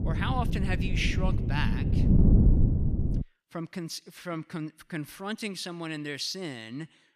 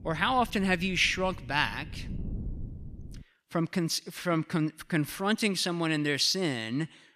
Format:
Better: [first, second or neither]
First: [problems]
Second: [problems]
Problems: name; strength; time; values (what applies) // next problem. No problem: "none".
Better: second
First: wind noise on the microphone; heavy; until 3 s; 2 dB below the speech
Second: wind noise on the microphone; occasional gusts; until 3 s; 25 dB below the speech